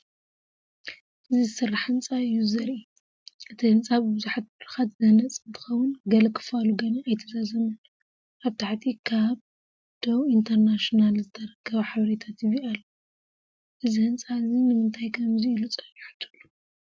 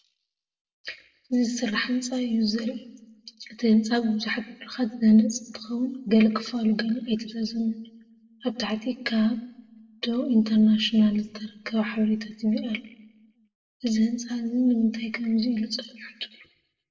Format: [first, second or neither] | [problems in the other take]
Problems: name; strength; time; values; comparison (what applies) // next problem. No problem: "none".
first | room echo; dies away in 0.6 s